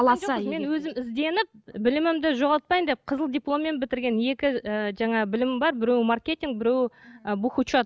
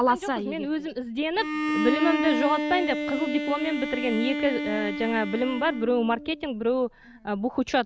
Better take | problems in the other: first | background sound (Bowed string instrument); 4 dB below the speech

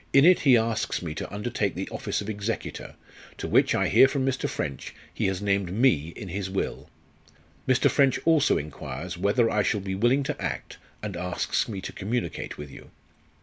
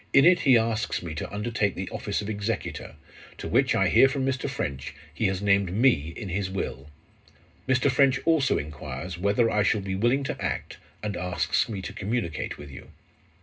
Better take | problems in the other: first | room echo; dies away in 0.2 s

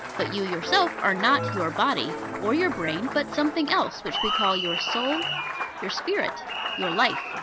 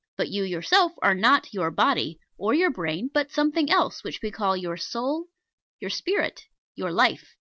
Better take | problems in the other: second | background sound (Applause); 4 dB below the speech

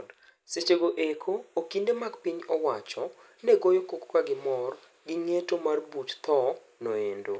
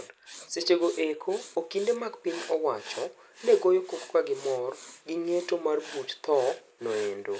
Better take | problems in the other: first | background sound (Writing); 18 dB below the speech

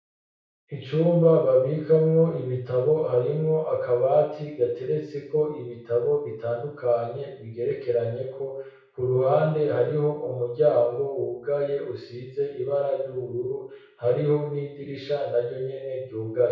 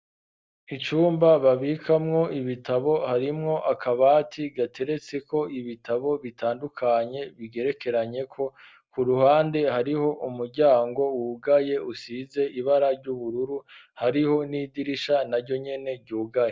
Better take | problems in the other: second | room echo; dies away in 0.6 s

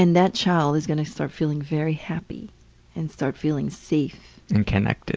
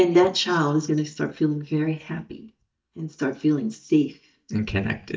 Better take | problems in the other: first | noise reduction (neural mask model DeepFilterNet 3)

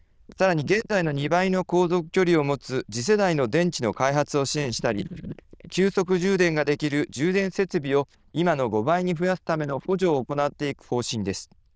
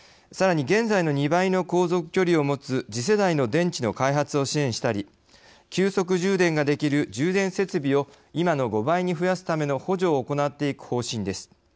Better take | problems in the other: second | noise reduction (neural diffusion model UNIVERSE++)

